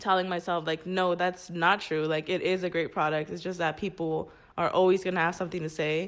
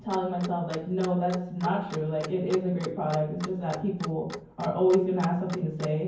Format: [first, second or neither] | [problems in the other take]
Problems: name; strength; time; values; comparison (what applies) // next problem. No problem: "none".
first | background sound (Clock); 16 dB below the speech // room echo; dies away in 0.9 s